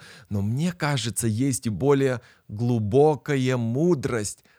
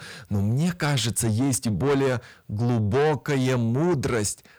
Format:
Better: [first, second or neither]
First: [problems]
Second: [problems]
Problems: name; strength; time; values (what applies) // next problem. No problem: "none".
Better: first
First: none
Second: distortion; heavy; 8 dB below the speech